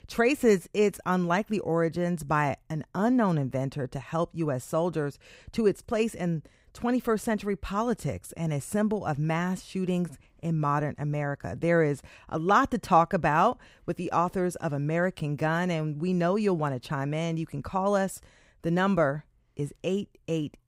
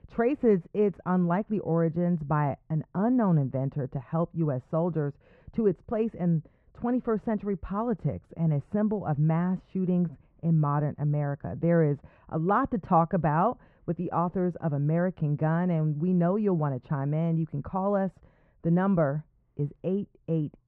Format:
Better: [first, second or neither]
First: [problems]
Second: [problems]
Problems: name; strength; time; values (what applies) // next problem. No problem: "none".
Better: first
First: none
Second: muffled; very; fading above 1 kHz